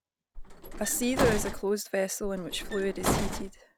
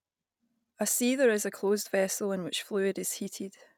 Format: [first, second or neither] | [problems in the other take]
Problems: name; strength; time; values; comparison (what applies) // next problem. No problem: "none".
second | background sound (Bus); 1 dB below the speech